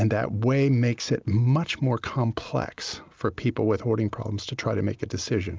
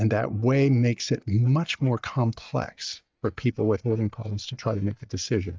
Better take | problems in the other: first | noise reduction (neural mask model DeepFilterNet 3)

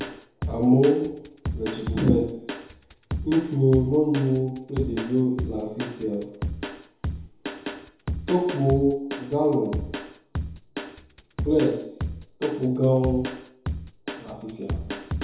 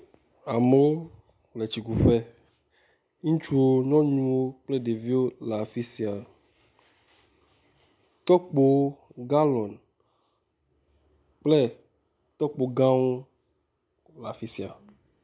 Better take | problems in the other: second | background sound (Drum kit); 7 dB below the speech // room echo; dies away in 1.9 s

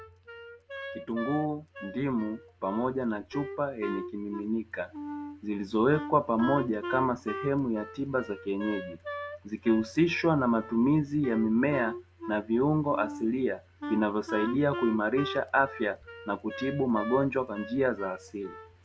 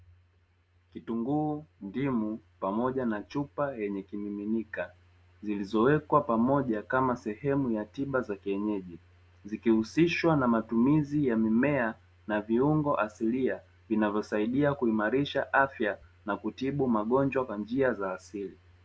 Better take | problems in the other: second | background sound (Wind instrument, woodwind instrument); 11 dB below the speech

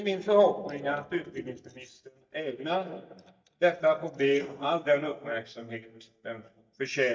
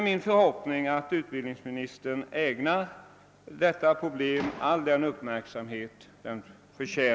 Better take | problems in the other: second | noise reduction (neural mask model DeepFilterNet 3)

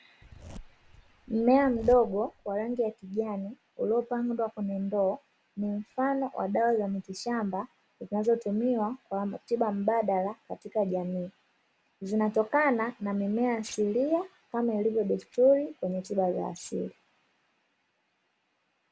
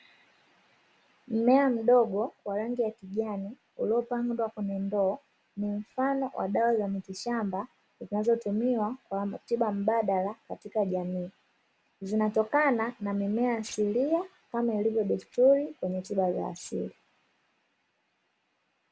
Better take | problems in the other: second | background sound (Zipper (clothing)); 17 dB below the speech

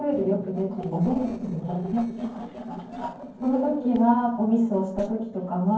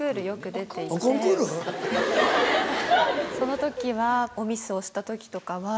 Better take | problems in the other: second | noise reduction (neural separator model SepFormer DNS4)

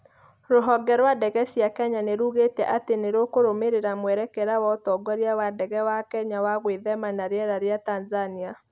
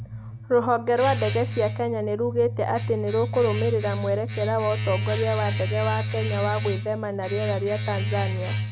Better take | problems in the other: first | background sound (Domestic sounds, home sounds); 3 dB below the speech

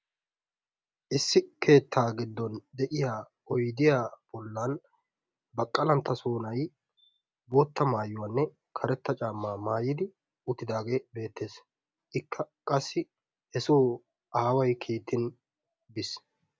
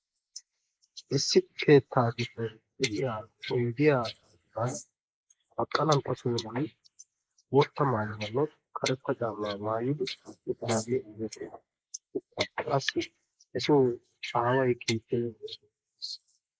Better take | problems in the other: first | noise reduction (neural mask model Resemble Enhance denoiser)

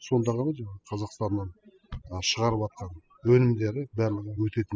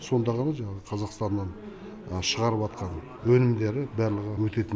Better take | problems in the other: second | noise reduction (classical method spectral subtraction)

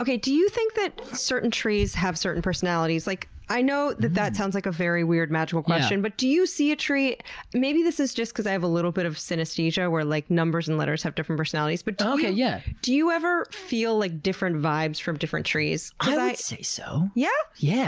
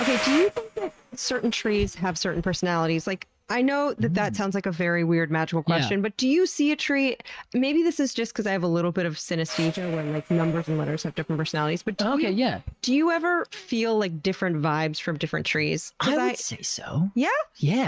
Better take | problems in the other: first | noise reduction (neural mask model RNNoise)

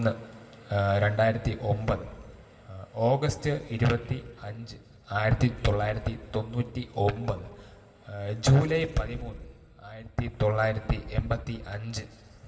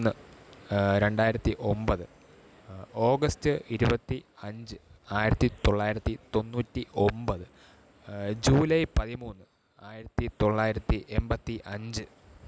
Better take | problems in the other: second | room echo; dies away in 1.8 s

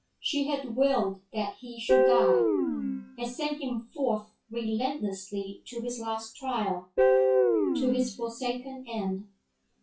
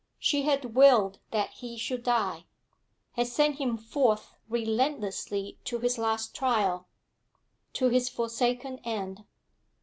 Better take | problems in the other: second | noise reduction (classical method WPE with log-MMSE)

